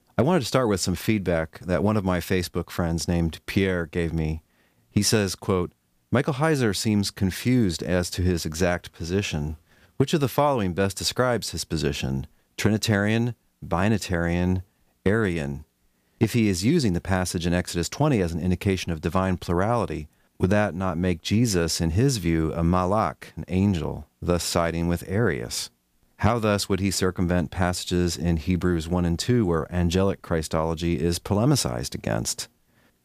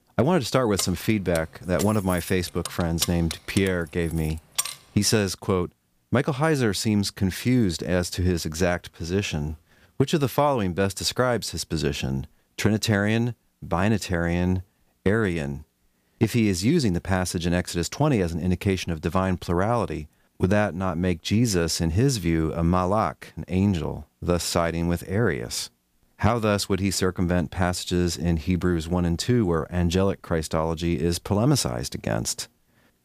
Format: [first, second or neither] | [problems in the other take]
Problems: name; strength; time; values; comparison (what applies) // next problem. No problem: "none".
first | jangling keys; noticeable; from 1 to 4.5 s; peak 3 dB below the speech